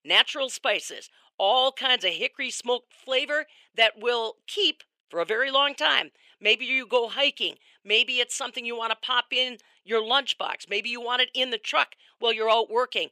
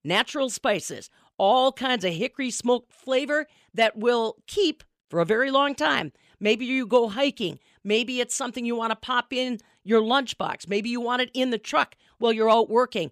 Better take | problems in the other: second | thin; somewhat; fading below 500 Hz

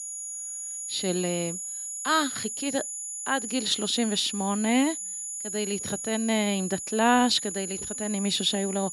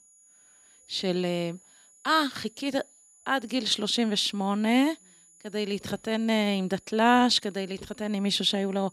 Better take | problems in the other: second | high-pitched whine; loud; throughout; 7 kHz, 5 dB below the speech; faint in the second

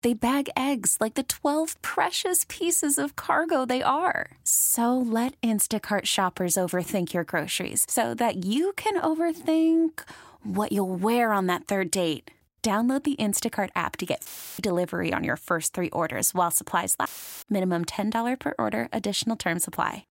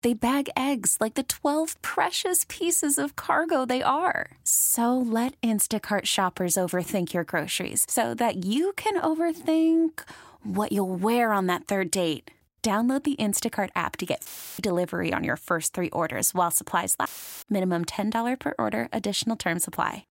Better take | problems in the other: neither | audio cutting out; filled with static; at 14 s and at 17 s; the same in both

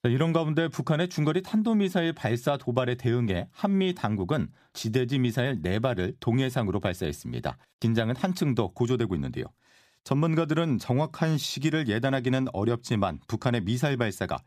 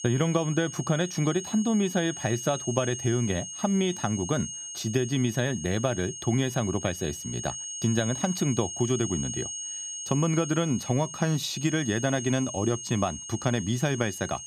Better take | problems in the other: first | high-pitched whine; loud; throughout; 6.5 kHz, 7 dB below the speech

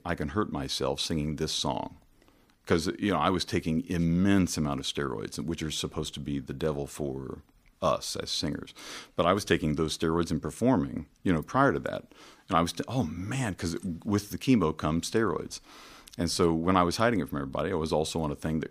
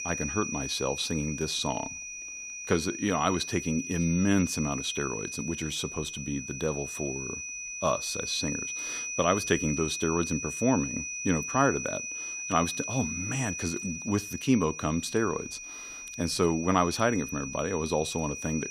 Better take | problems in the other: first | high-pitched whine; loud; throughout; 6 kHz, 5 dB below the speech

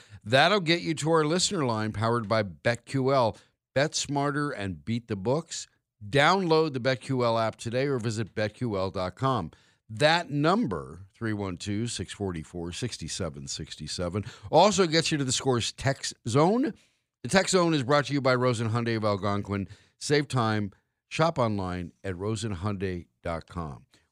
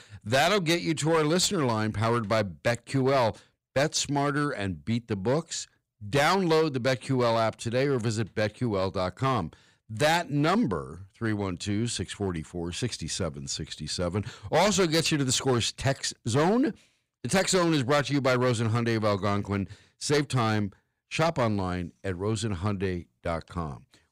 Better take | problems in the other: first | distortion; slight; 6% of the sound clipped

